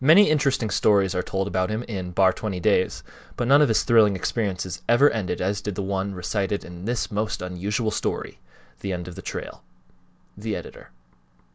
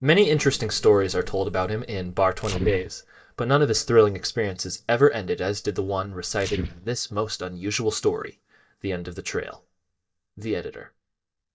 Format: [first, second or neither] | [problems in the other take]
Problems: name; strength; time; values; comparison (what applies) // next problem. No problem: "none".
first | noise reduction (neural mask model DeepFilterNet 3)